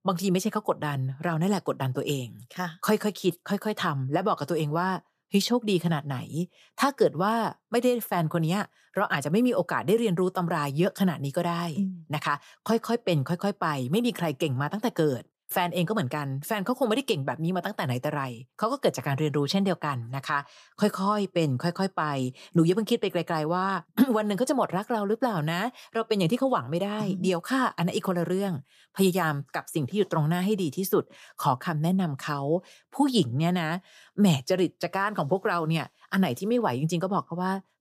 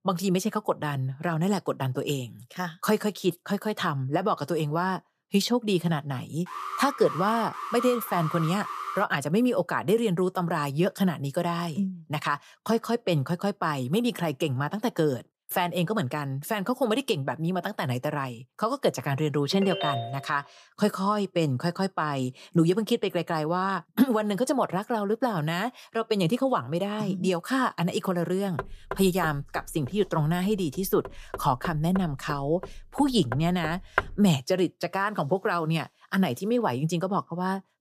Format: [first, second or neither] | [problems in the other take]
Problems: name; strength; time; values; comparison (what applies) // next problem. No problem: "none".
first | alarm; noticeable; from 6.5 to 9 s; peak 6 dB below the speech // phone ringing; noticeable; at 20 s; peak 3 dB below the speech // door banging; noticeable; from 29 to 34 s; peak 2 dB below the speech